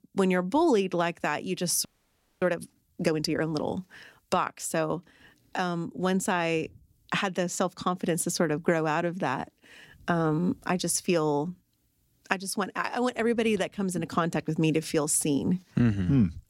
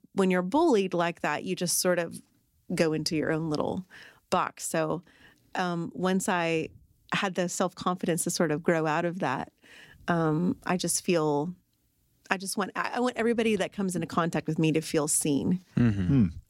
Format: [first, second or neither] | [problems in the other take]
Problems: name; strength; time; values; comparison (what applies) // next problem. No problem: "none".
second | audio freezing; at 2 s for 0.5 s